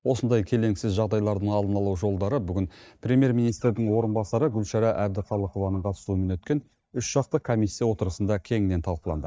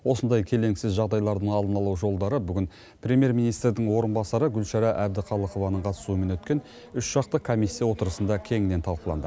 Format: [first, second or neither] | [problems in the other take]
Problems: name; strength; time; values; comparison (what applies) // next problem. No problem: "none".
second | noise reduction (neural mask model DeepFilterNet 3)